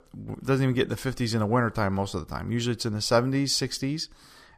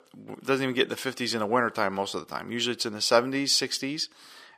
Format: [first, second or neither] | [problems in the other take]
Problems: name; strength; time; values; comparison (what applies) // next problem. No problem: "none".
first | thin; somewhat; fading below 300 Hz